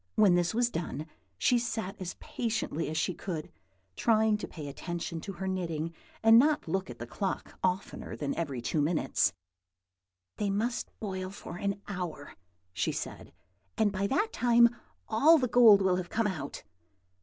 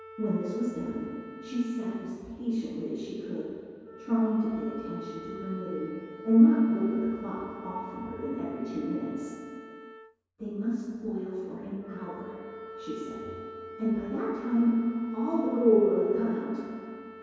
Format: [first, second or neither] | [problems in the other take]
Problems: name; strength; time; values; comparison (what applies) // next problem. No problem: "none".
first | background sound (Wind instrument, woodwind instrument); 16 dB below the speech // room echo; dies away in 2.2 s